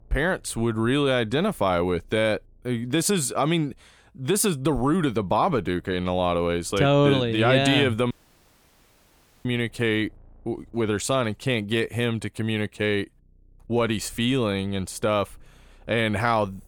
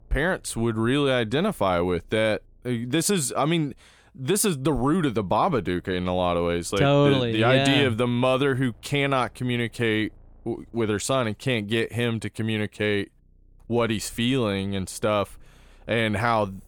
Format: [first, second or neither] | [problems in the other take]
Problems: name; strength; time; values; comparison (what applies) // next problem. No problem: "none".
second | audio cutting out; at 8 s for 1.5 s